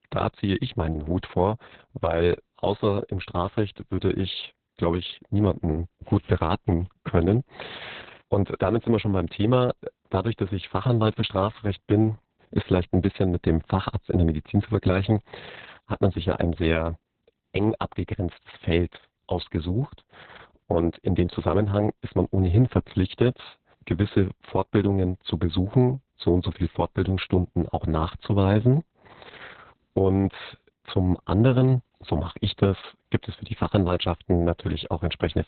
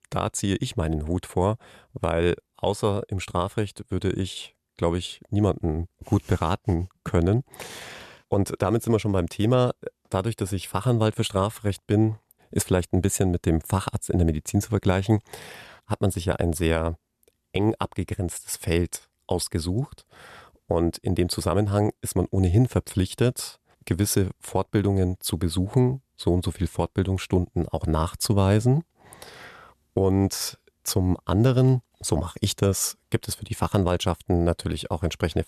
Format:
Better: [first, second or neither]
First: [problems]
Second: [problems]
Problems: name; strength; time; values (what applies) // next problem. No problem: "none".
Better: second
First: garbled, watery; badly; nothing above 4 kHz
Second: none